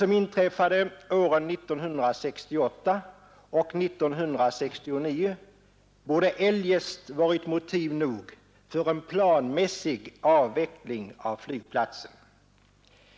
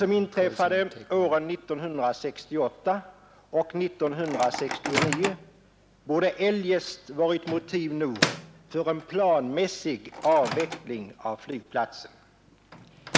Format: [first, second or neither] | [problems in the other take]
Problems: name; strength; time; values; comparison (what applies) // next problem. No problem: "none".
first | background sound (Microwave oven); 8 dB below the speech